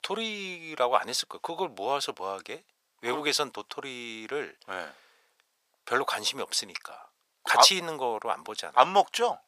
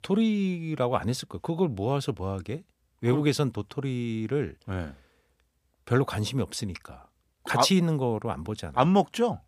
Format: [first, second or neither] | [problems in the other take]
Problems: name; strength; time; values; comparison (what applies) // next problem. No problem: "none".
second | thin; very; fading below 800 Hz